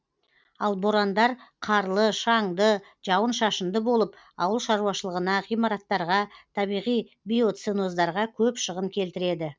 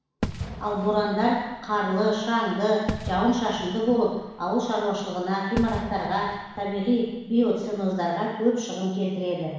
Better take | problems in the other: first | background sound (Fireworks); 12 dB below the speech // room echo; dies away in 1.1 s

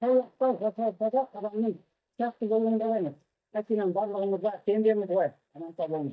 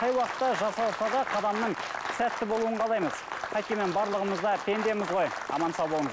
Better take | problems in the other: second | noise reduction (neural mask model DeepFilterNet 3)

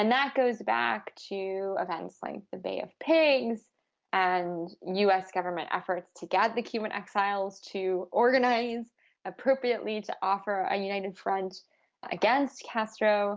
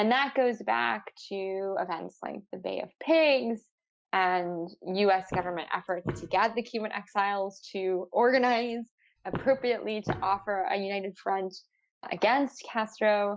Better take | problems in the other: first | noise reduction (classical method Wiener filter)

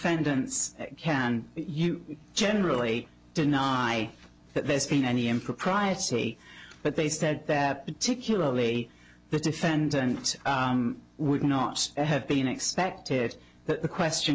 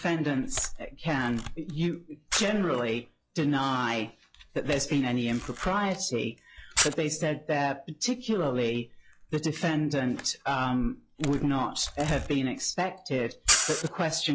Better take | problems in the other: first | noise reduction (classical method log-MMSE)

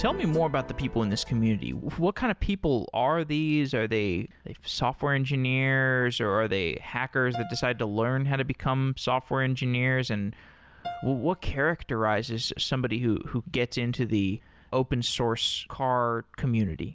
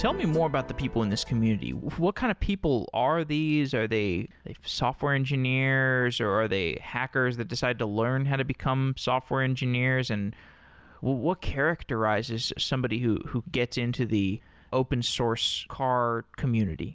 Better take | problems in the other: second | background sound (Piano); 19 dB below the speech

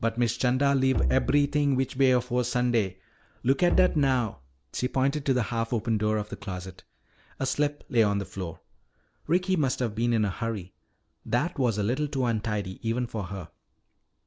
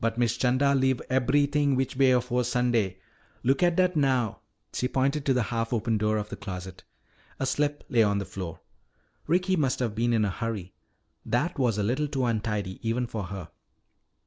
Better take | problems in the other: second | background sound (Bowed string instrument); 4 dB below the speech

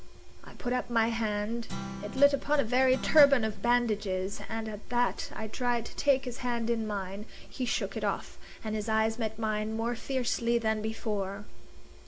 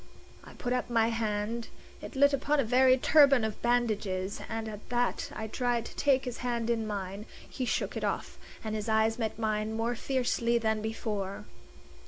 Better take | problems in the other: second | background sound (Guitar); 13 dB below the speech // room echo; dies away in 0.3 s

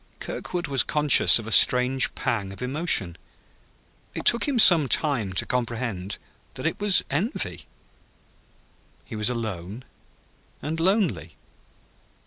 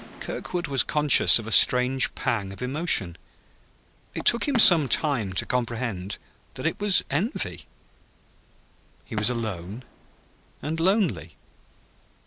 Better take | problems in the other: first | background sound (Fireworks); 18 dB below the speech

